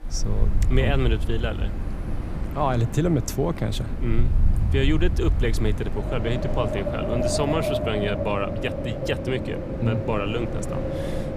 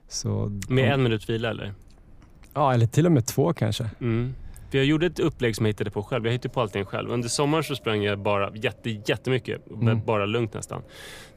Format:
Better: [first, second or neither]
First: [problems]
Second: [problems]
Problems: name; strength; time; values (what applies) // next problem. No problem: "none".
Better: second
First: wind in the background; loud; throughout; 1 dB below the speech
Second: wind in the background; faint; throughout; 25 dB below the speech